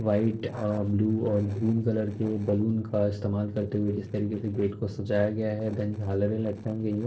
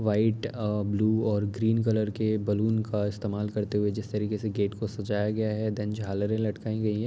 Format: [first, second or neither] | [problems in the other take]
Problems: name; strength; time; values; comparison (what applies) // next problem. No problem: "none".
second | noise reduction (neural separator model SepFormer DNS4)